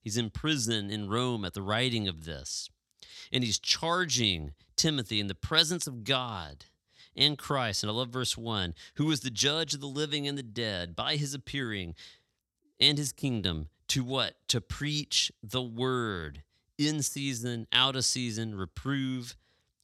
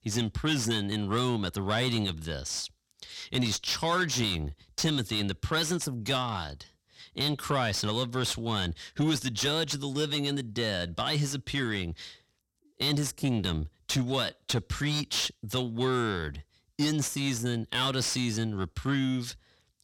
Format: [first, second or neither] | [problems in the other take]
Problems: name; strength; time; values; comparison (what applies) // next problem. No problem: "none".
first | distortion; heavy; 6 dB below the speech